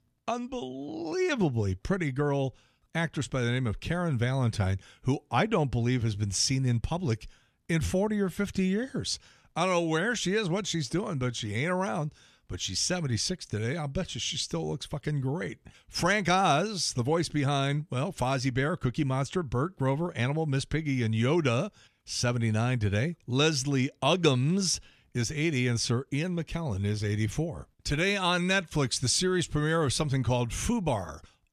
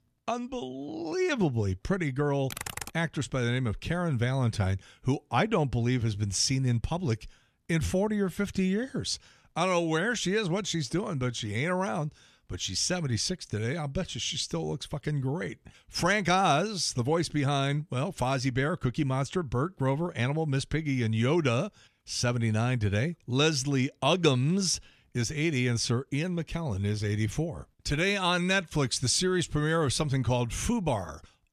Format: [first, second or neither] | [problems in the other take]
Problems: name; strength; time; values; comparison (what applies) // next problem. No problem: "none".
first | keyboard typing; noticeable; at 2.5 s; peak 7 dB below the speech